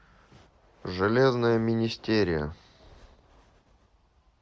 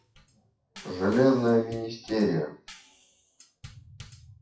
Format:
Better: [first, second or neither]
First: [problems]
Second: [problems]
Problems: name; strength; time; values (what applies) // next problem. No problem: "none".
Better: first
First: none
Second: noise reduction (classical method WPE with log-MMSE)